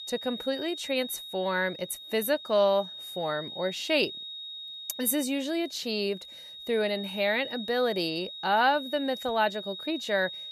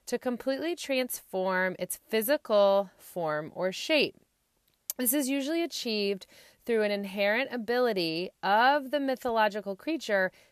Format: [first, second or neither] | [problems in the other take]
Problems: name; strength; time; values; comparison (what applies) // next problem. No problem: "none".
second | high-pitched whine; loud; throughout; 4 kHz, 10 dB below the speech